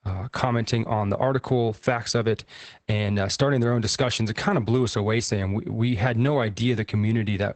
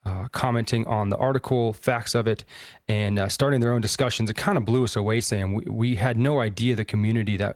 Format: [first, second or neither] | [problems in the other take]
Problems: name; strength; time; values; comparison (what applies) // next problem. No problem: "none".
second | garbled, watery; badly; nothing above 8 kHz; slightly in the second